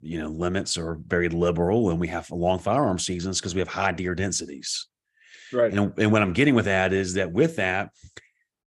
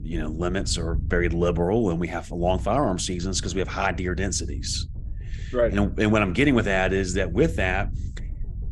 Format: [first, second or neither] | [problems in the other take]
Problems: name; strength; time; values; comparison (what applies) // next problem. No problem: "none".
first | low rumble; faint; throughout; 25 dB below the speech